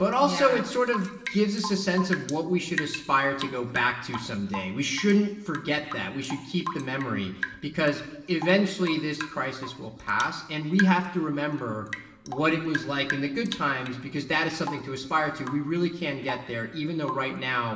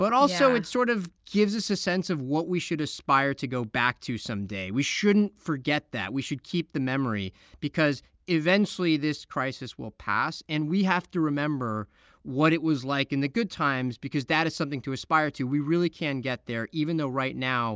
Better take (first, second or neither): second